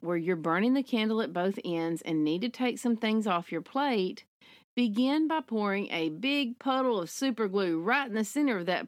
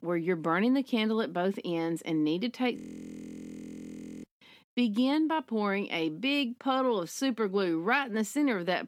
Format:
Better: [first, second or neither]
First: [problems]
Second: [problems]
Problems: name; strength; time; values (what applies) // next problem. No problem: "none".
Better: first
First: none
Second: audio freezing; at 3 s for 1.5 s